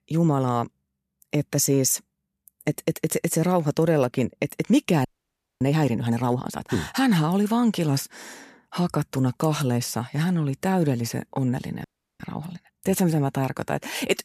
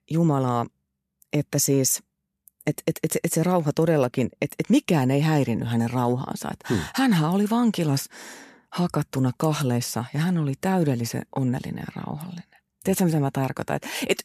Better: second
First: audio freezing; at 5 s for 0.5 s and at 12 s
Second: none

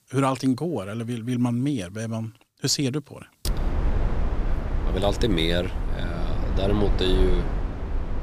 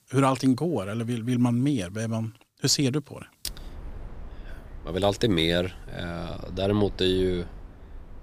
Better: second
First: low rumble; loud; from 3.5 s on; 8 dB below the speech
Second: low rumble; faint; from 3.5 s on; 25 dB below the speech

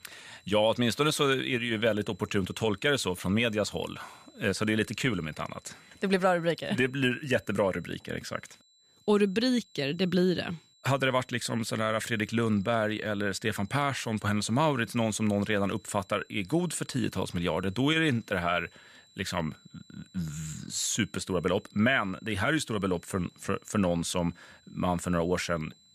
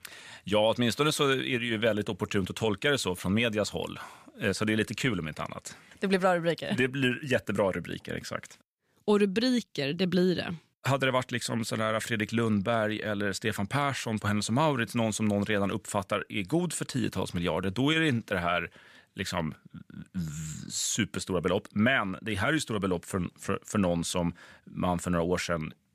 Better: second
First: high-pitched whine; faint; throughout; 4 kHz, 30 dB below the speech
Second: none

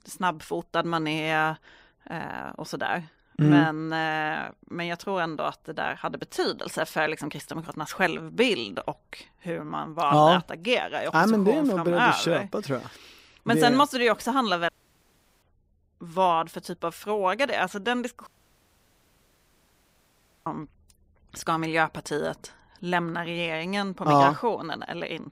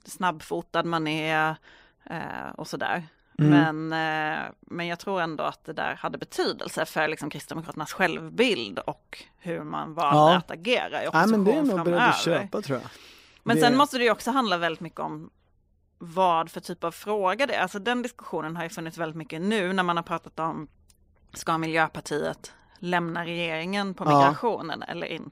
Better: second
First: audio cutting out; at 15 s for 0.5 s and at 18 s for 2 s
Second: none

